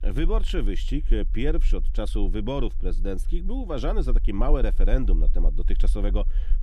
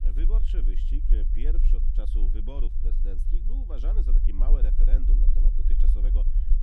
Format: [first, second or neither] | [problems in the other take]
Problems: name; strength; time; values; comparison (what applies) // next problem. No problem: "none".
first | low rumble; loud; throughout; 4 dB below the speech; faint in the first